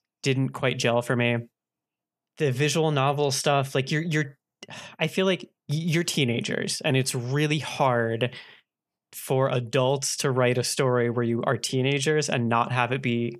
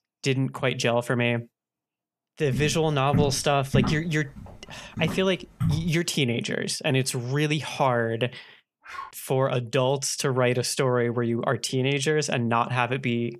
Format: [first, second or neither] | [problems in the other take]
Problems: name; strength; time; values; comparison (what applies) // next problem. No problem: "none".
first | footsteps; noticeable; from 2.5 to 6 s; peak 1 dB below the speech // dog barking; faint; at 9 s; peak 15 dB below the speech